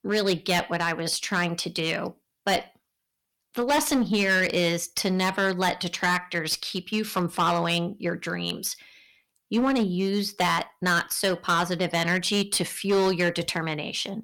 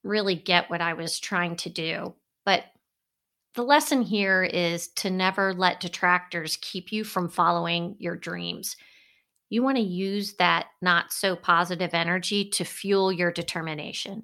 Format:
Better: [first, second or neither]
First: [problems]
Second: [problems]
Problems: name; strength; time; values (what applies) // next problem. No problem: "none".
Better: second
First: distortion; heavy; 7% of the sound clipped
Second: none